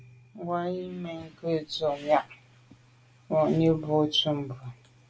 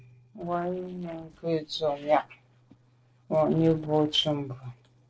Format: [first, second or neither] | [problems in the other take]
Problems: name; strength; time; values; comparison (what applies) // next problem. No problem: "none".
first | noise reduction (neural separator model SepFormer DNS4)